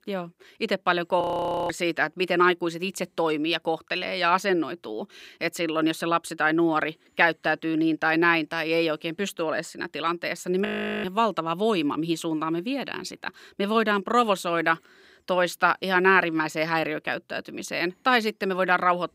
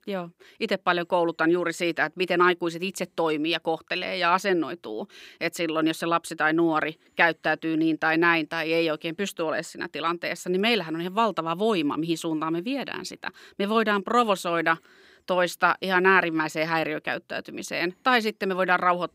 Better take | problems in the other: second | audio freezing; at 1 s and at 11 s

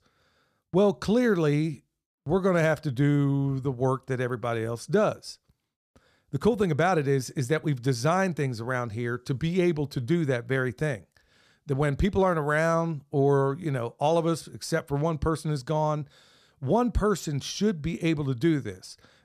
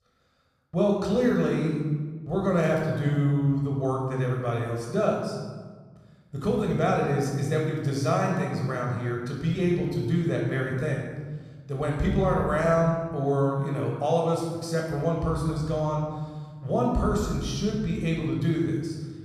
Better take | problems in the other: first | off-mic speech; somewhat distant // room echo; noticeable; dies away in 1.4 s

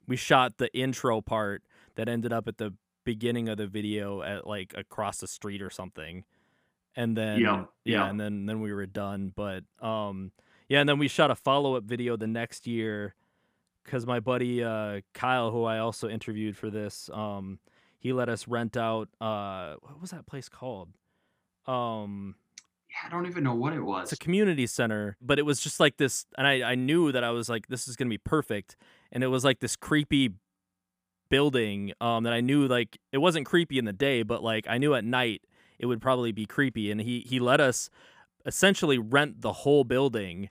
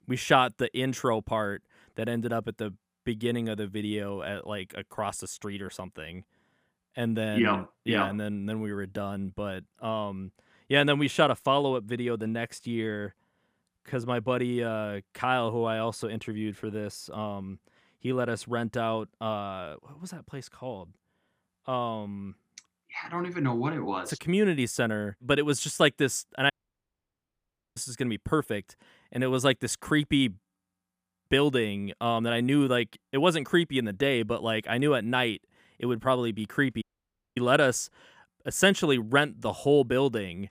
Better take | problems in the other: first | audio cutting out; at 27 s for 1.5 s and at 37 s for 0.5 s

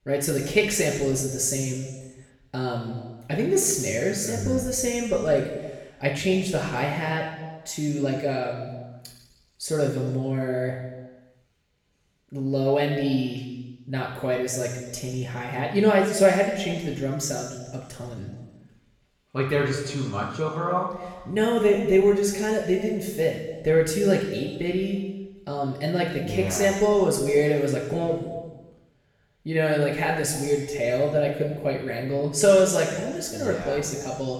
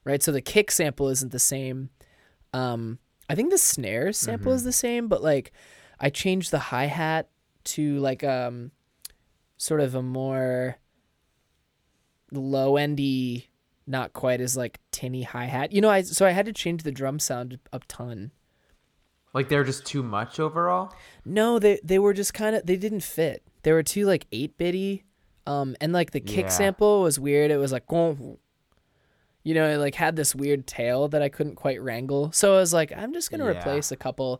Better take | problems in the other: second | room echo; noticeable; dies away in 1.2 s // off-mic speech; far

